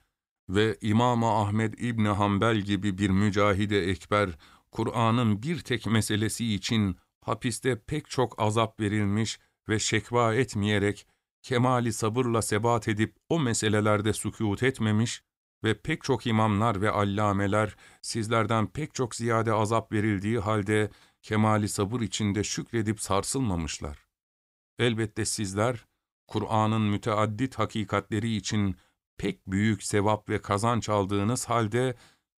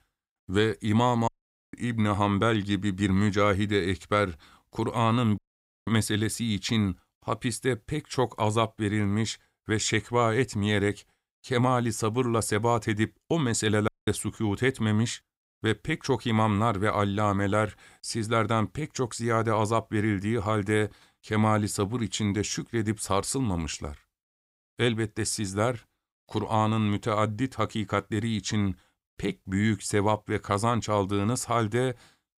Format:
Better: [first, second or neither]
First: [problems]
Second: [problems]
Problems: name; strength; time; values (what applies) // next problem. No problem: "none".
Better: first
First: none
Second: audio cutting out; at 1.5 s, at 5.5 s and at 14 s